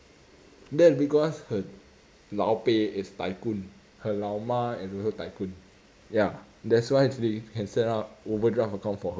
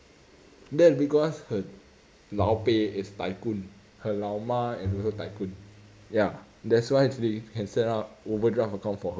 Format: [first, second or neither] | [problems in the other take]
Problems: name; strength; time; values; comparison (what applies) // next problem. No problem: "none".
first | background sound (Bowed string instrument); 12 dB below the speech